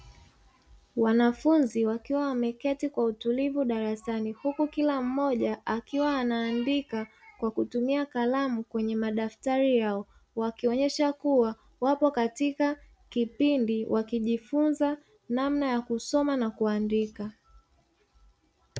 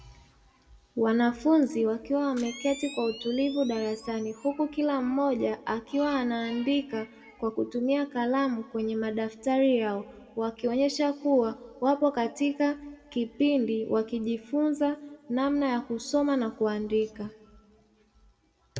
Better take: first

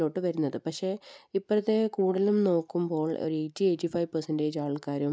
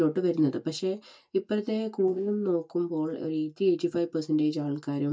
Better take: first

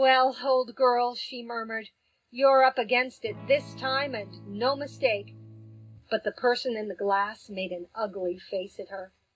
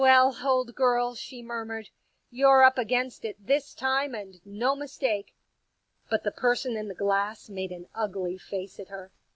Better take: second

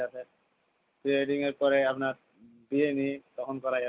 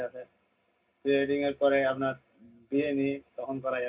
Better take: first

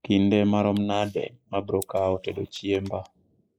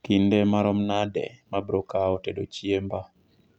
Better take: second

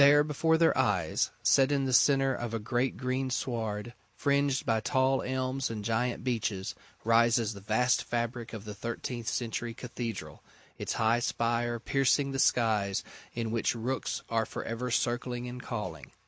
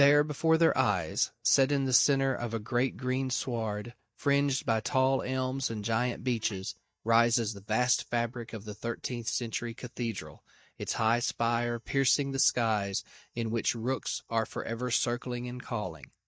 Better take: first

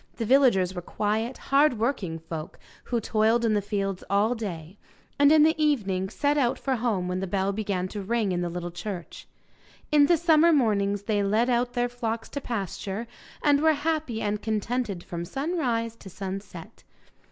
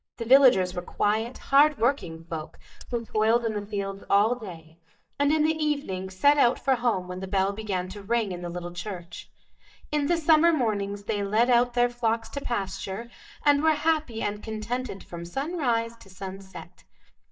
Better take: first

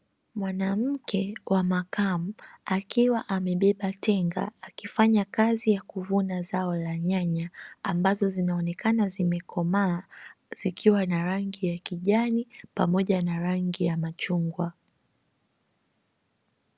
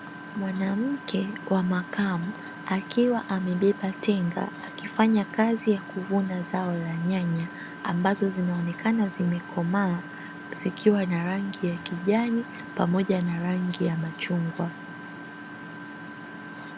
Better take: first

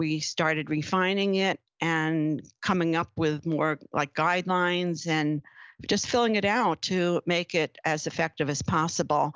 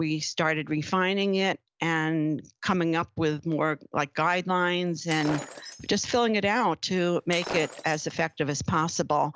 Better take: first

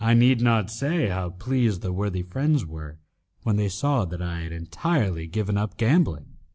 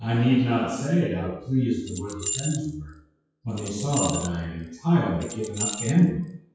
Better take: first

